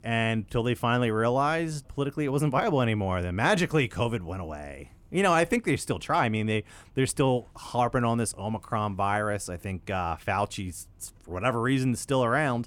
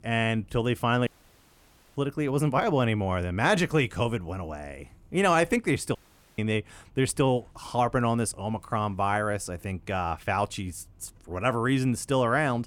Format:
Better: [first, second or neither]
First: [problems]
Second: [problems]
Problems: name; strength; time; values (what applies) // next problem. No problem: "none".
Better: first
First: none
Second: audio cutting out; at 1 s for 1 s and at 6 s